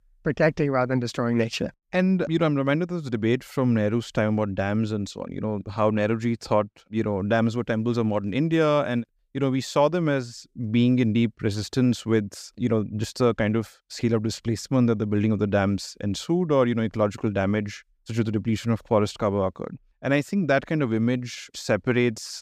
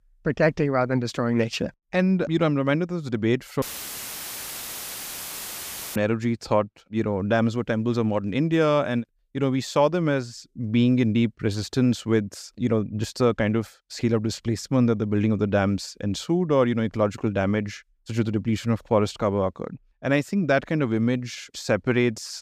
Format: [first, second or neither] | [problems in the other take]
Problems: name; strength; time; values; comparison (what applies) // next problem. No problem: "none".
first | audio cutting out; filled with static; at 3.5 s for 2.5 s